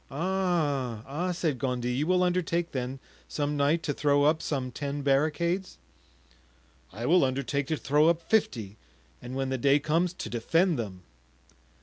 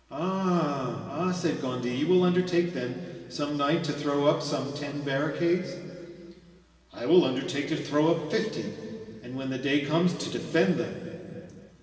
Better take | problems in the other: first | room echo; dies away in 2.4 s

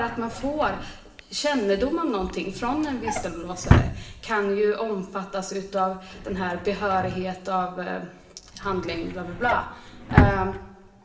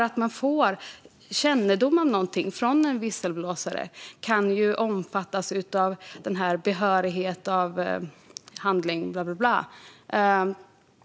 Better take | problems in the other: second | background sound (Drawer open or close); 1 dB below the speech // room echo; dies away in 1.4 s

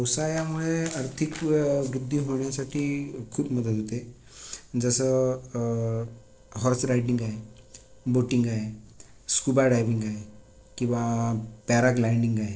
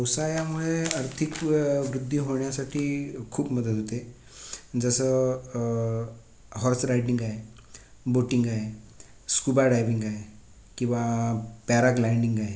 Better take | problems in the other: second | noise reduction (neural separator model SepFormer DNS4)

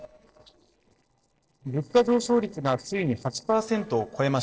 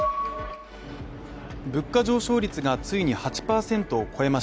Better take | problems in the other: second | noise reduction (neural separator model SepFormer DNS4)

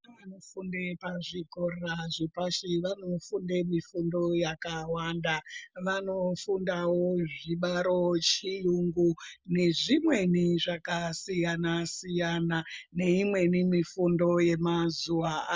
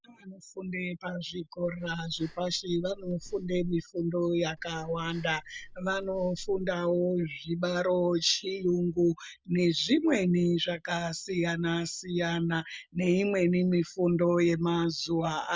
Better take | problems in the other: first | background sound (Breathing); 17 dB below the speech

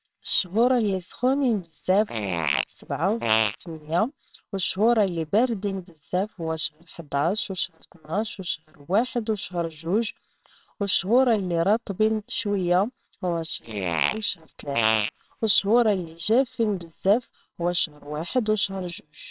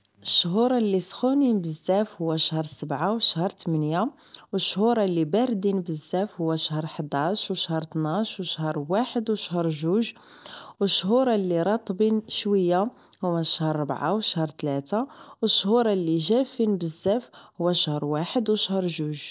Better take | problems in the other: second | noise reduction (neural separator model SepFormer WHAMR!)

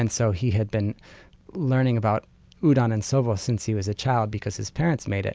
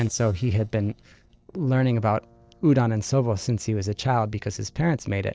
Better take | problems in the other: first | noise reduction (neural separator model SepFormer DNS4)

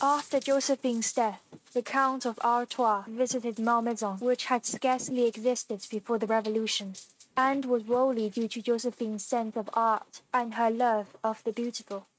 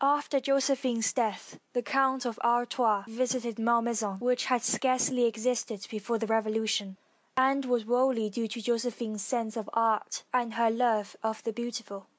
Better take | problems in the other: second | noise reduction (neural mask model RNNoise)

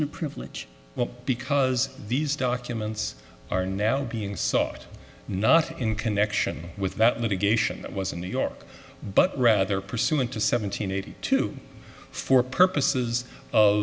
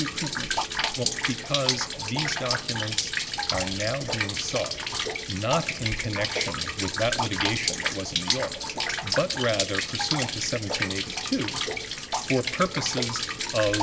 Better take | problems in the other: first | background sound (Rain); 1 dB above the speech

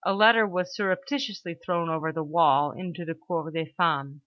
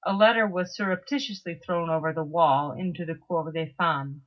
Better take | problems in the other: first | room echo; dies away in 0.4 s

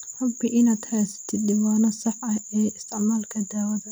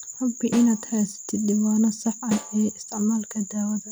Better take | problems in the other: first | background sound (Snare drum); 13 dB below the speech

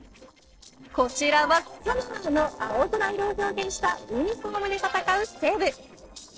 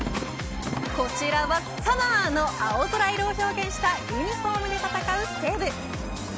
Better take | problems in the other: second | noise reduction (neural separator model SepFormer DNS4)

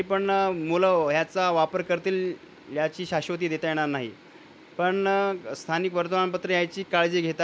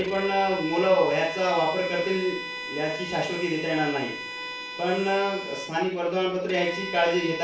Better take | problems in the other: first | background sound (Bowed string instrument); 10 dB below the speech // room echo; dies away in 0.4 s

